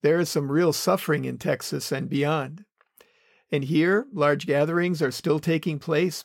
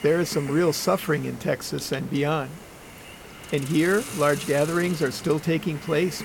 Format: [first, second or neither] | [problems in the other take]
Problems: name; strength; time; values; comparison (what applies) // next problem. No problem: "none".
first | hiss; noticeable; throughout; 15 dB below the speech